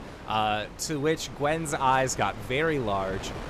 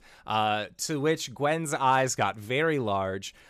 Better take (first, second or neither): second